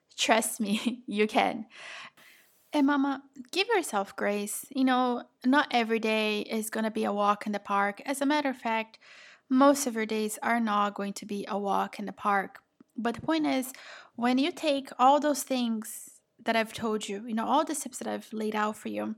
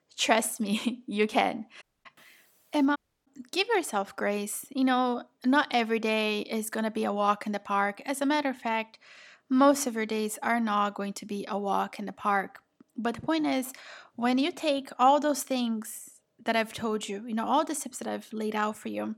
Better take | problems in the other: first | audio cutting out; at 2 s and at 3 s

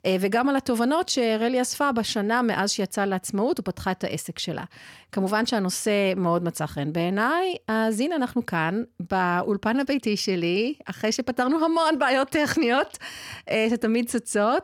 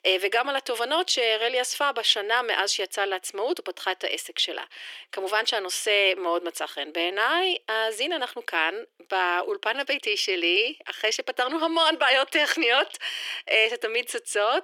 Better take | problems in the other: first | thin; very; fading below 350 Hz

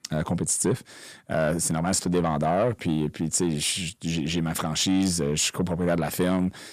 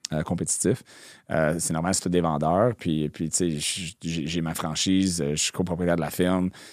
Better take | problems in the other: second | distortion; slight; 10 dB below the speech

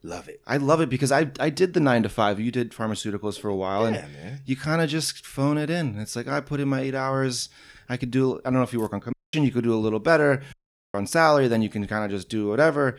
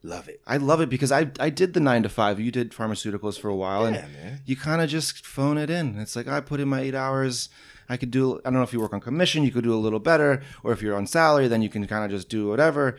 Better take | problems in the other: second | audio cutting out; at 9 s and at 11 s

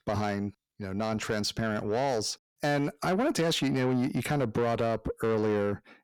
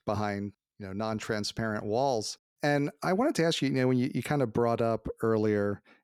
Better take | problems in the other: second | distortion; slight; 10 dB below the speech

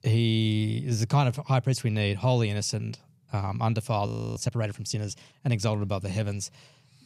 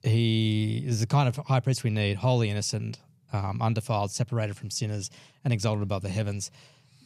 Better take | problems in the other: second | audio freezing; at 4 s

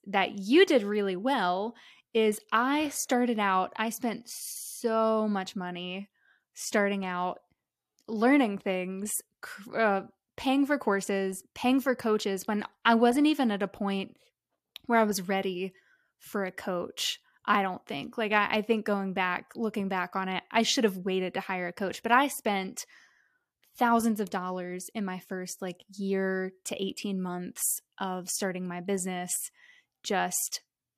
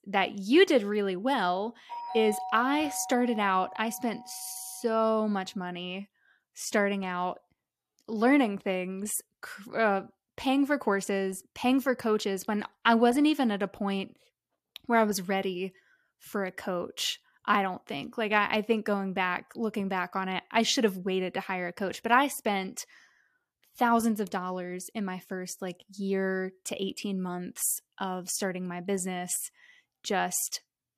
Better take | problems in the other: first | doorbell; noticeable; from 2 to 4.5 s; peak 7 dB below the speech

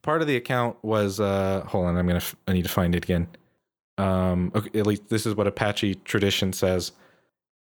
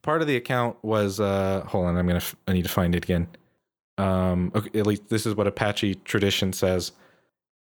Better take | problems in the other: neither | none

